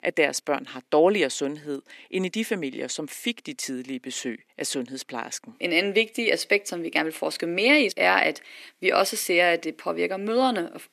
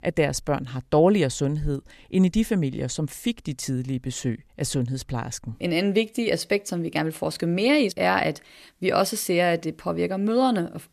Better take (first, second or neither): second